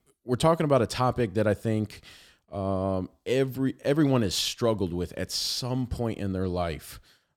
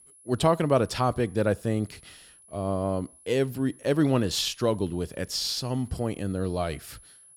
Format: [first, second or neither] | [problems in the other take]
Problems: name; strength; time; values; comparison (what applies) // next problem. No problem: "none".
first | high-pitched whine; faint; throughout; 10.5 kHz, 25 dB below the speech